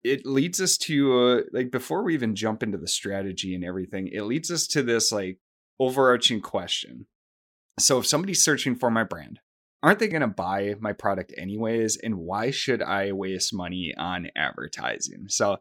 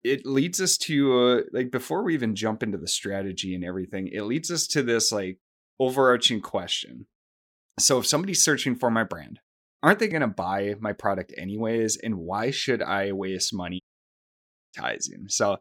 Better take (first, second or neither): first